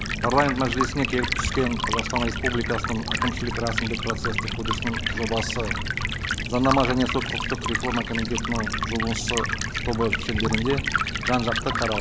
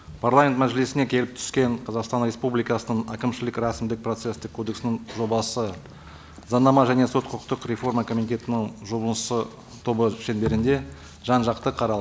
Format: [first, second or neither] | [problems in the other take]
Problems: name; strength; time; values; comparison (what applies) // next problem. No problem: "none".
second | background sound (Stream); as loud as the speech